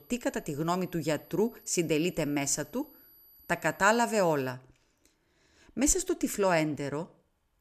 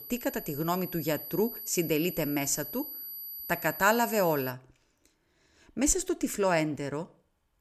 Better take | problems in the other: first | high-pitched whine; loud; until 4.5 s; 12 kHz, 9 dB below the speech; faint in the first

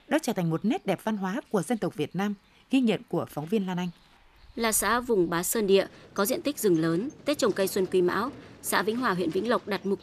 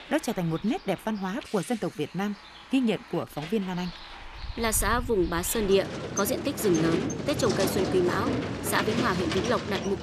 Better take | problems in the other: first | traffic noise; loud; throughout; 4 dB below the speech; faint in the first

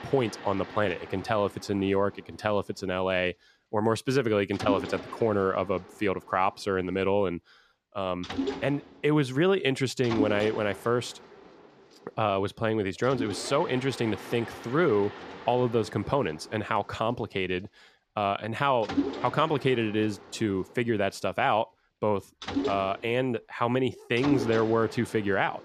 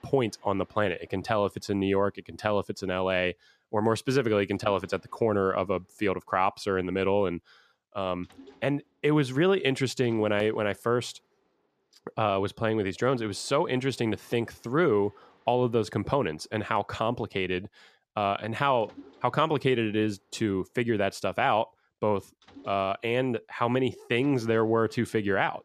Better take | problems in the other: second | machinery noise; loud; throughout; 9 dB below the speech; faint in the second

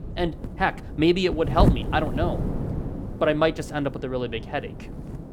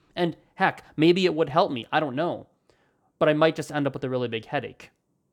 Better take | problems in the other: second | wind noise on the microphone; occasional gusts; 10 dB below the speech

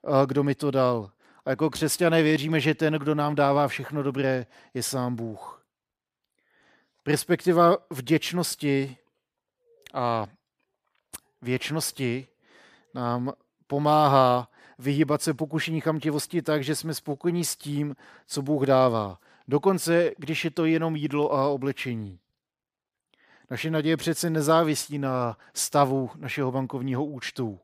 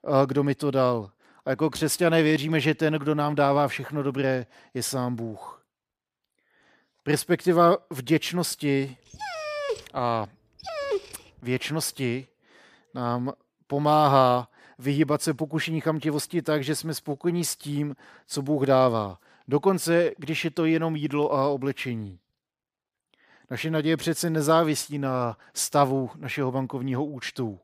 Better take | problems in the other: first | dog barking; noticeable; from 9 to 11 s; peak 4 dB below the speech

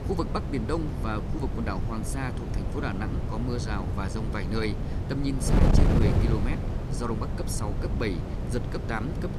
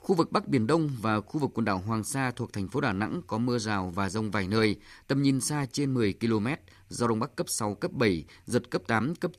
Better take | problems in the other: second | wind noise on the microphone; heavy; 2 dB below the speech

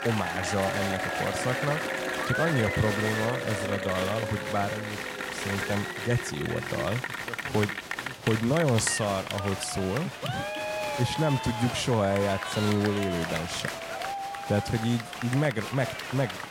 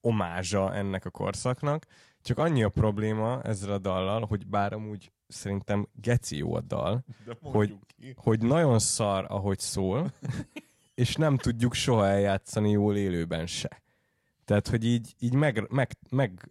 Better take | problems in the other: second | crowd noise; loud; throughout; 3 dB below the speech

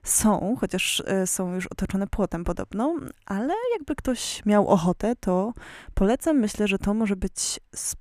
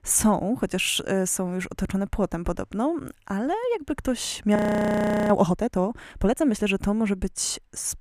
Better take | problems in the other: first | audio freezing; at 4.5 s for 0.5 s

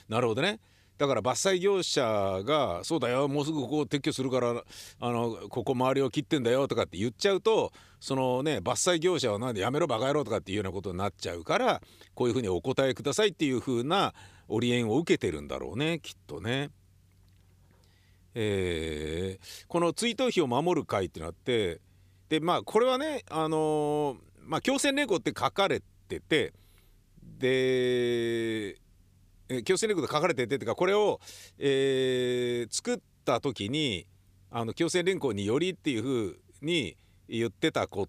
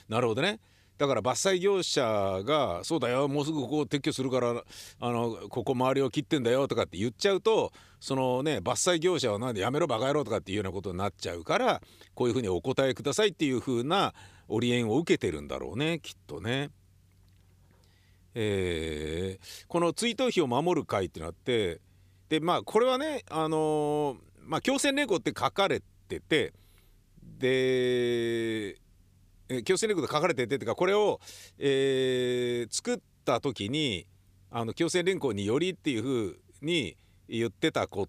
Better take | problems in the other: neither | none

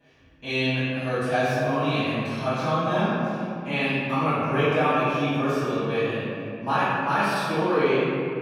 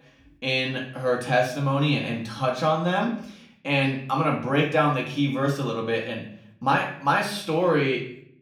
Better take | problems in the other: second | room echo; strong; dies away in 2.8 s; slight in the second // off-mic speech; far; far in the second

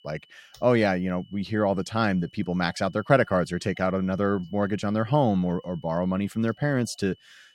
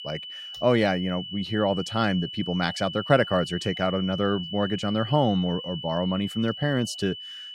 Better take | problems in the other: first | high-pitched whine; loud; throughout; 3 kHz, 10 dB below the speech; faint in the first

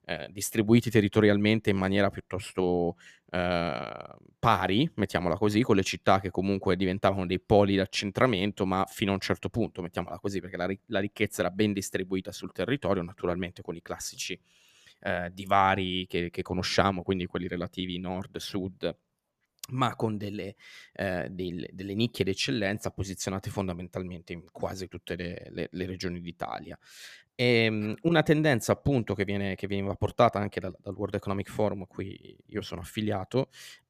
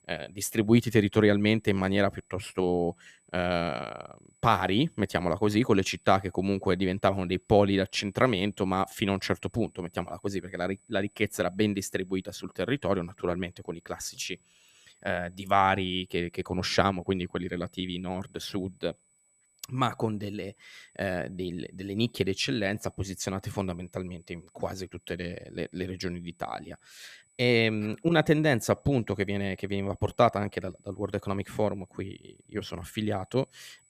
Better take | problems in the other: first | high-pitched whine; faint; throughout; 8 kHz, 35 dB below the speech

